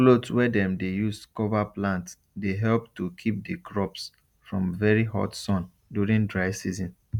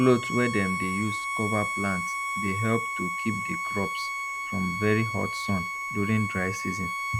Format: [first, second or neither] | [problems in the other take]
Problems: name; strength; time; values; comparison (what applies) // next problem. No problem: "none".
first | background sound (Bowed string instrument); 3 dB below the speech